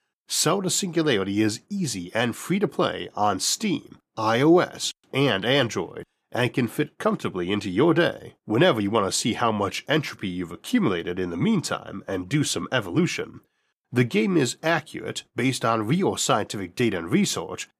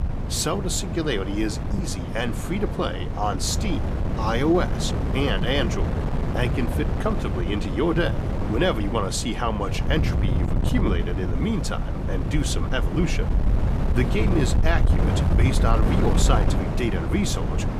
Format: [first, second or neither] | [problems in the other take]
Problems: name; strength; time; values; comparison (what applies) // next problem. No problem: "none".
first | wind noise on the microphone; heavy; 6 dB below the speech